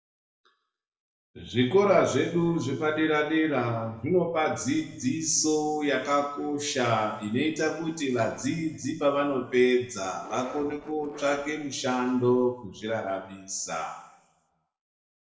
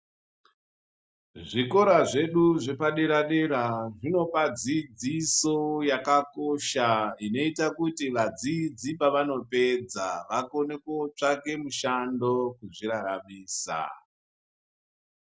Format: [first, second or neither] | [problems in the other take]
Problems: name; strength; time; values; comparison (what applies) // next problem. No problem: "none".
second | background sound (Zipper (clothing)); 17 dB below the speech // room echo; dies away in 0.9 s